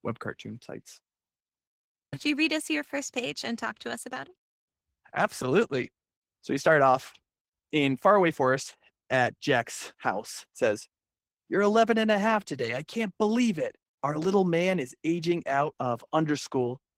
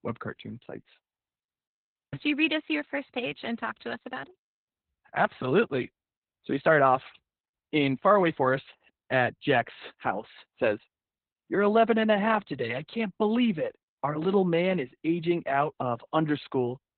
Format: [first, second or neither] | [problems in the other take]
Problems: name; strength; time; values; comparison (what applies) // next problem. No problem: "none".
first | garbled, watery; badly; nothing above 4 kHz; slightly in the first